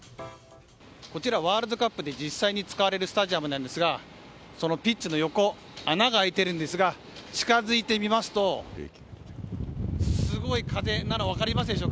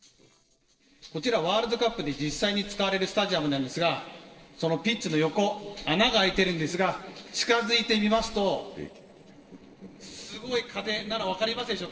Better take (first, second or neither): first